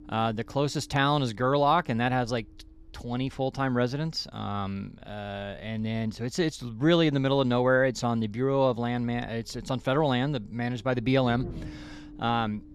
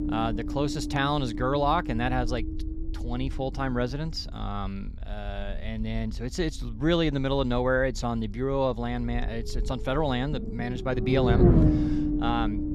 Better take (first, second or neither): first